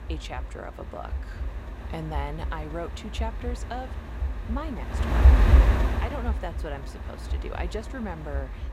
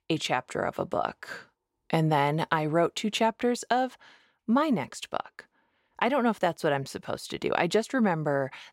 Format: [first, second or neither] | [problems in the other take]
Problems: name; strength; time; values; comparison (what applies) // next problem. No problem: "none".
second | wind noise on the microphone; heavy; as loud as the speech